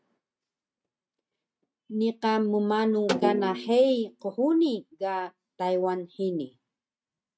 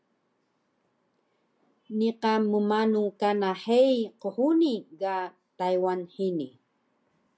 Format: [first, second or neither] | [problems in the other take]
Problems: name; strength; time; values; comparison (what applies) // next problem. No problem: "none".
second | noise reduction (neural mask model RNNoise)